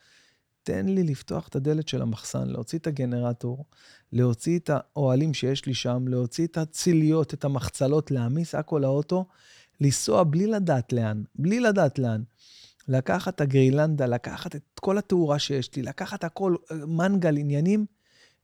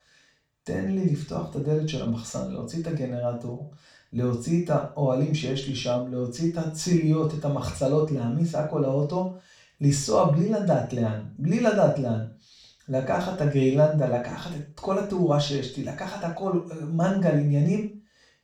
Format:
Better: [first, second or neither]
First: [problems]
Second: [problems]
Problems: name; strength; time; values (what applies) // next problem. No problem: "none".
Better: first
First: none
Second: room echo; noticeable; dies away in 0.4 s // off-mic speech; far